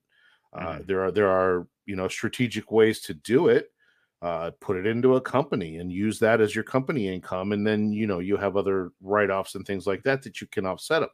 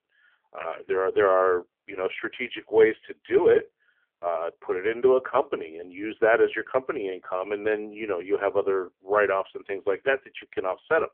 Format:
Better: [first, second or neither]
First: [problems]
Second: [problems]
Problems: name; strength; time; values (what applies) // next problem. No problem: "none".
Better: first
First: none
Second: phone-call audio; poor line; nothing above 3 kHz